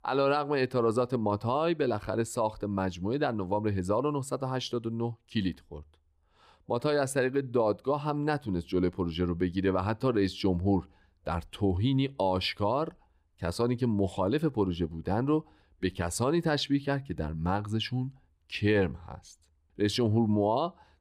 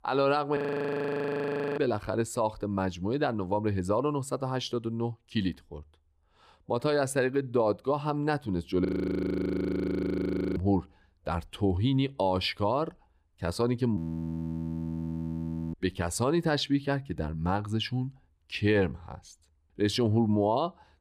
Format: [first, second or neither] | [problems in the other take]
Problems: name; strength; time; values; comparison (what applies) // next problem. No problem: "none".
first | audio freezing; at 0.5 s for 1 s, at 9 s for 1.5 s and at 14 s for 2 s